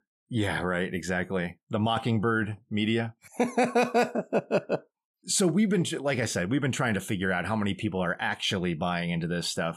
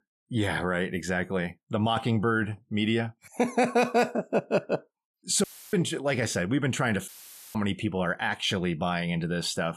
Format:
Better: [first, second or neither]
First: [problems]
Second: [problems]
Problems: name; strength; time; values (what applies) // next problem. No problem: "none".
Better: first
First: none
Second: audio cutting out; filled with static; at 5.5 s and at 7 s